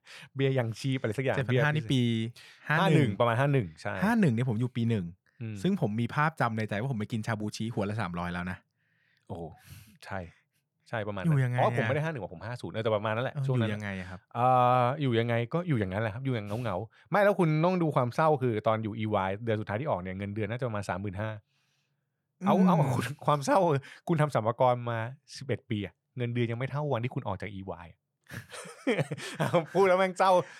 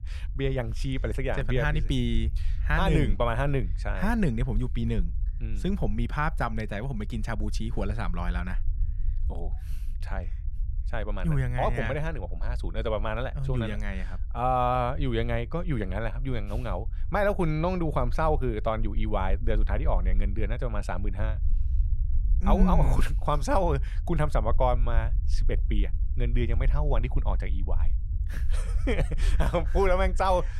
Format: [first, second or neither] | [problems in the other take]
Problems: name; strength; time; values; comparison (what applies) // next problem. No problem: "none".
first | low rumble; faint; throughout; 25 dB below the speech